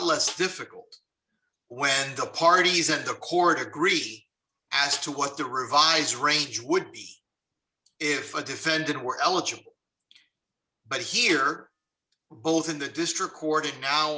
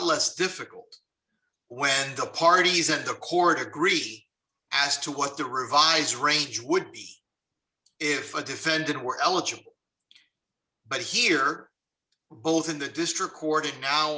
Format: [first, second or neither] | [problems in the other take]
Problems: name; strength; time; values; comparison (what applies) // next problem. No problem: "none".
second | background sound (Snare drum); 17 dB below the speech